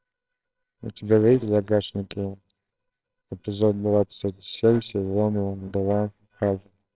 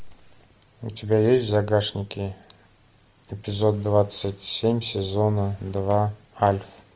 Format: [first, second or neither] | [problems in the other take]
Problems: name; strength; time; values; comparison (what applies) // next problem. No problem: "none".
second | noise reduction (neural separator model SepFormer WHAMR!)